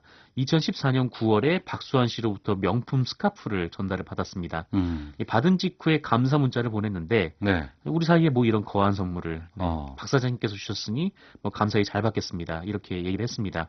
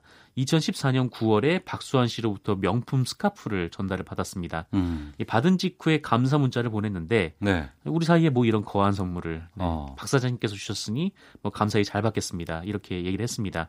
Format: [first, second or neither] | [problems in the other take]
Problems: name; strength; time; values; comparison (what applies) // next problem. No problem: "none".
second | garbled, watery; badly; nothing above 6 kHz